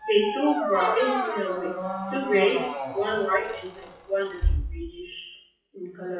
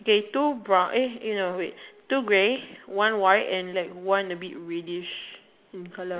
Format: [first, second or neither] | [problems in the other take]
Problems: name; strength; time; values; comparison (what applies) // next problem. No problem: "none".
second | noise reduction (classical method WPE with log-MMSE)